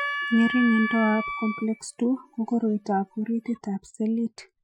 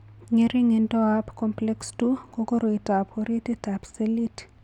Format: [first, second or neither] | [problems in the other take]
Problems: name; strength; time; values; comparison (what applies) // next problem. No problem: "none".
second | noise reduction (classical method Wiener filter)